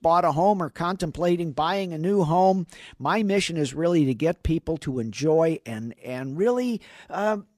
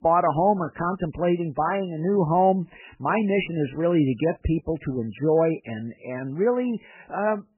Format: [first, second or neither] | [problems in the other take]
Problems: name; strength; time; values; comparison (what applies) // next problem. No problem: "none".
first | garbled, watery; badly; nothing above 3 kHz